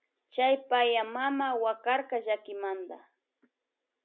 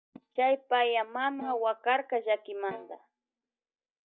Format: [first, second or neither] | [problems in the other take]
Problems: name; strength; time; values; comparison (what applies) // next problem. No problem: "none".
first | noise reduction (neural mask model DeepFilterNet 3)